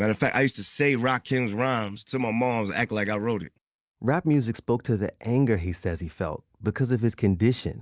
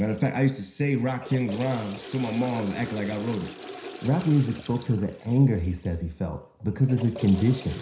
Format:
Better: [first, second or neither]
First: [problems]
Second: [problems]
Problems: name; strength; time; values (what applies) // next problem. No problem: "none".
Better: first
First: none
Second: background sound (Toilet flush / Water); 16 dB below the speech // room echo; dies away in 0.5 s